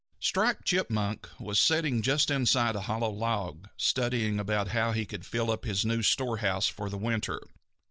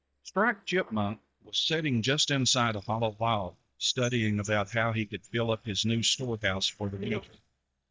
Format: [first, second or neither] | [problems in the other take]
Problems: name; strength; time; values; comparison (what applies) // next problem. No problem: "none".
first | noise reduction (neural mask model DeepFilterNet 3)